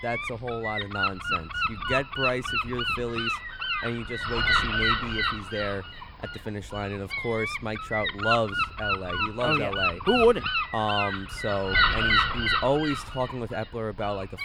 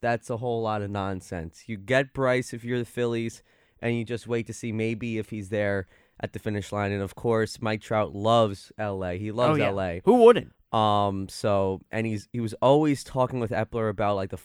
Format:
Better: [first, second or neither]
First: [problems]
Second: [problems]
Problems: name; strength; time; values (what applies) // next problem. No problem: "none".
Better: second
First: wind noise on the microphone; heavy; 5 dB above the speech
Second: none